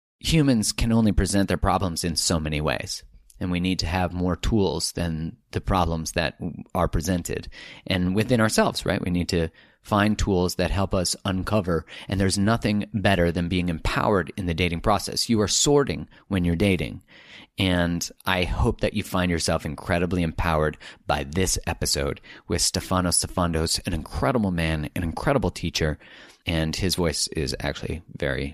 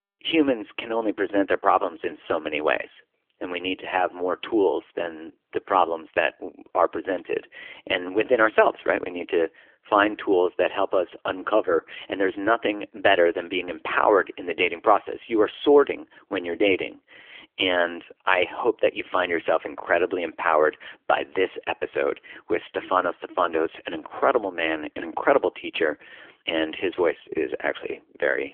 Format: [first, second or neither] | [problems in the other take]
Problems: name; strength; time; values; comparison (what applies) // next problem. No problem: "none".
first | phone-call audio; nothing above 3.5 kHz